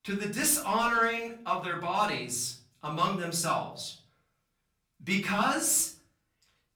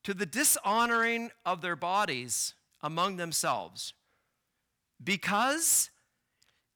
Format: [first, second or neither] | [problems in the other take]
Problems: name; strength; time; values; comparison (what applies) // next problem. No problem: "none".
second | off-mic speech; far // room echo; slight; dies away in 0.5 s